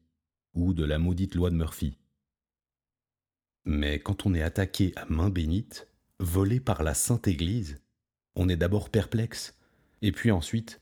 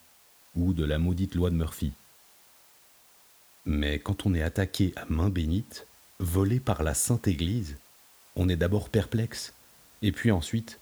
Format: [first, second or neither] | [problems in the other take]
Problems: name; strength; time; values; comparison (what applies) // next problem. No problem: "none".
first | hiss; faint; throughout; 25 dB below the speech